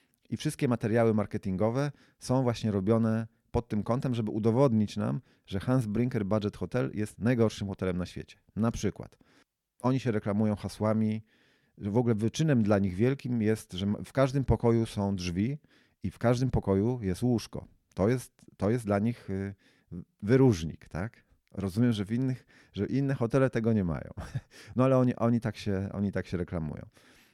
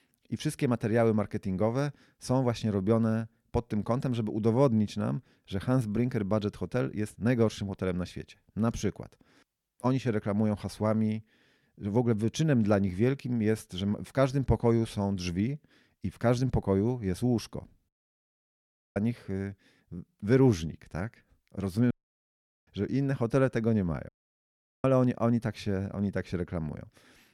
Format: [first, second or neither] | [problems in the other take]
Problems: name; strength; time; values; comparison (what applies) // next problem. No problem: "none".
first | audio cutting out; at 18 s for 1 s, at 22 s for 1 s and at 24 s for 1 s